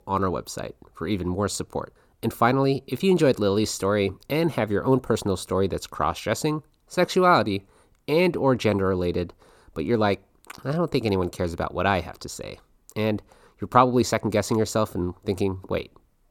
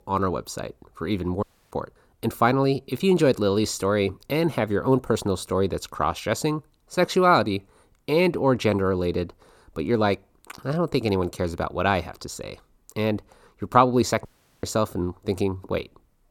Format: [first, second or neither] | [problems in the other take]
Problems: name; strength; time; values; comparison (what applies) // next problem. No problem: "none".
first | audio cutting out; at 1.5 s and at 14 s